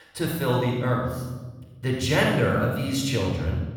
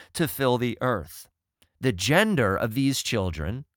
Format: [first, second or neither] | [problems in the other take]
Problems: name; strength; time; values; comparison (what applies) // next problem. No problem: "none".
second | off-mic speech; far // room echo; noticeable; dies away in 1.3 s